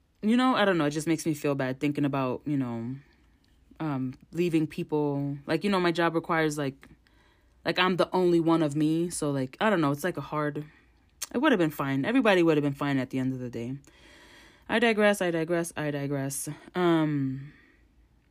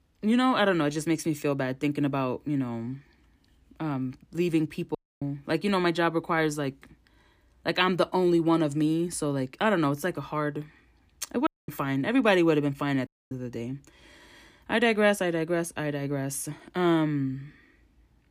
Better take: first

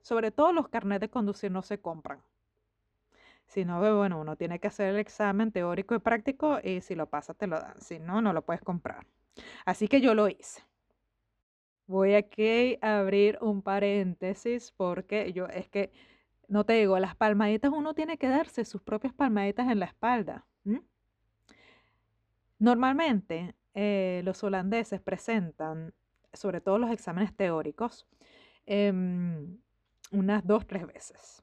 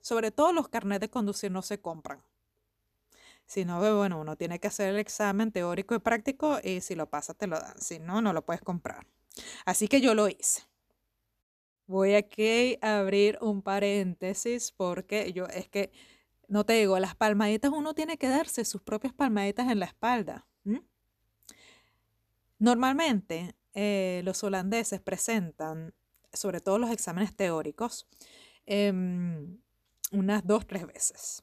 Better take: second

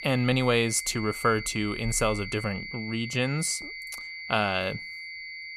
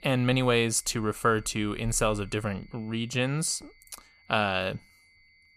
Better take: second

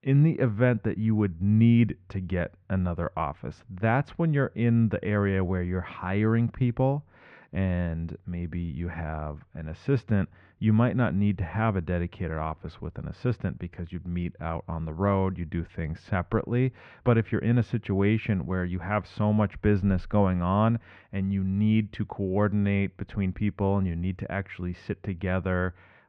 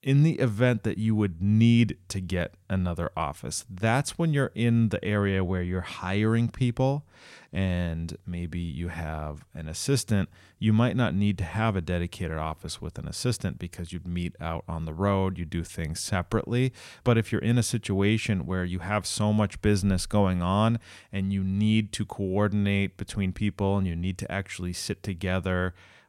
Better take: second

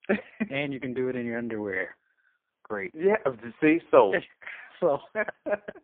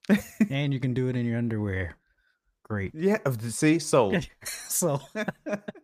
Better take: second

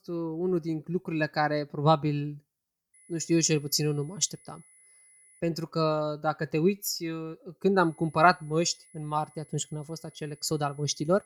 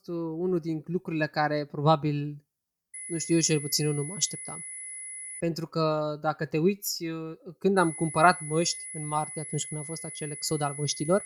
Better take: first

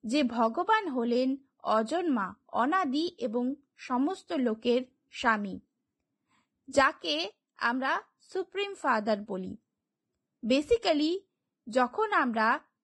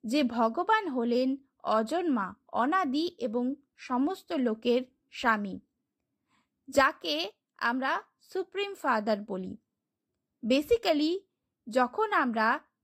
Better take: second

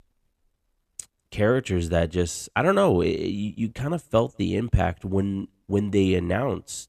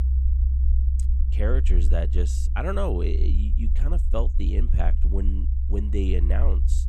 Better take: first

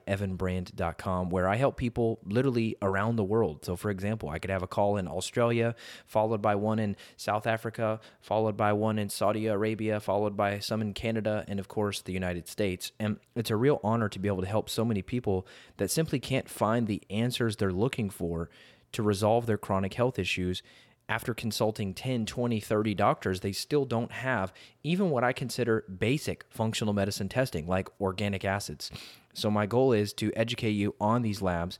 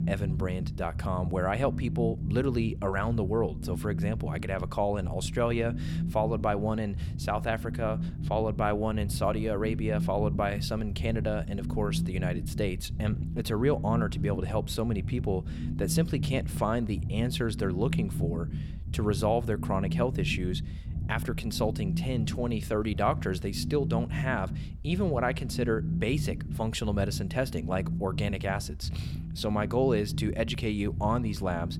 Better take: first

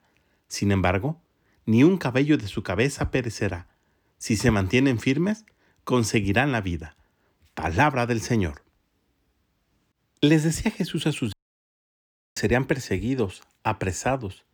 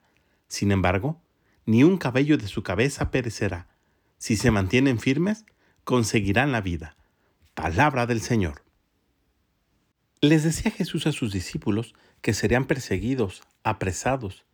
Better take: second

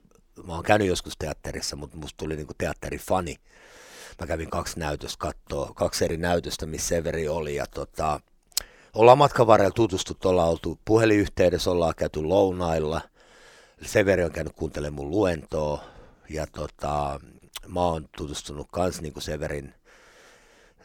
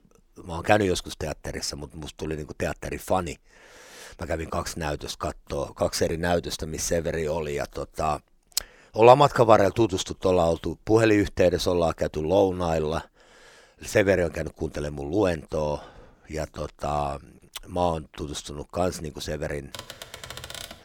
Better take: first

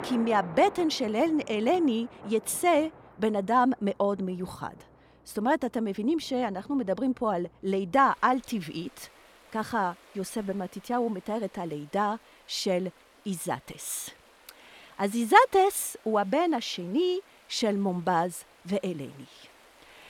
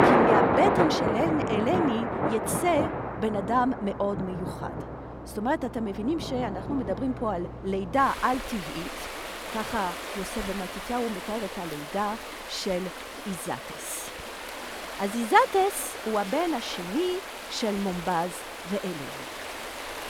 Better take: first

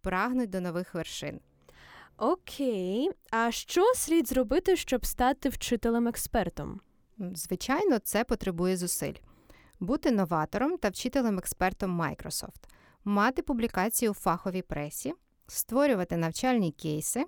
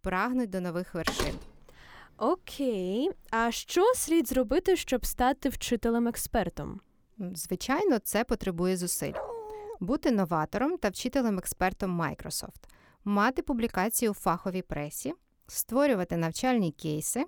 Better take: first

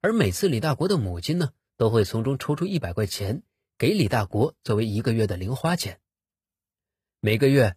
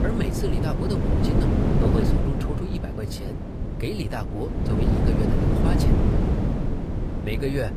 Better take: first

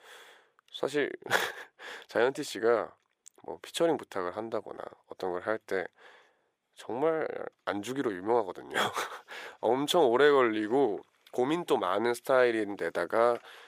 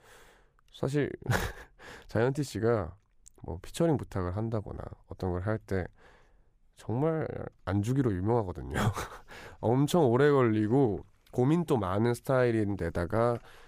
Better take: second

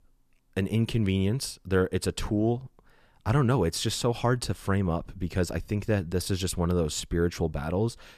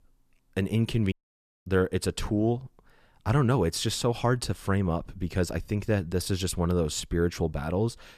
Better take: first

